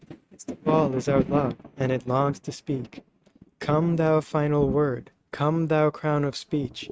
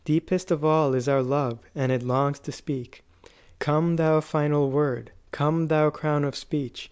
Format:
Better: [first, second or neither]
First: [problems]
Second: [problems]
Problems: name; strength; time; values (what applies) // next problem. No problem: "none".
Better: second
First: noise reduction (neural mask model RNNoise)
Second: none